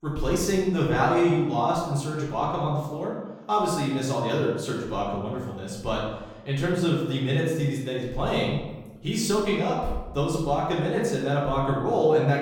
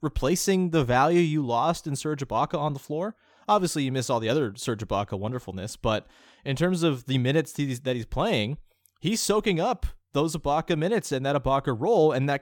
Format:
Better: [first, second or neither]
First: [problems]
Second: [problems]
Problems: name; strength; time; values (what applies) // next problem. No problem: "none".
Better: second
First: room echo; noticeable; dies away in 0.9 s // off-mic speech; far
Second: none